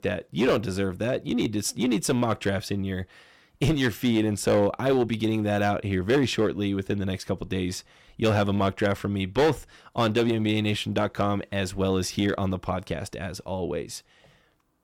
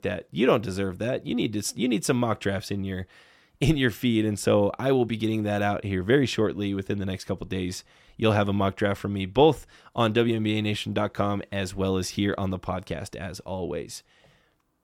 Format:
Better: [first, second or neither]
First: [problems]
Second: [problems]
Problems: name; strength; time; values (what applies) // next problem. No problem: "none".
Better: second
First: distortion; slight; 5% of the sound clipped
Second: none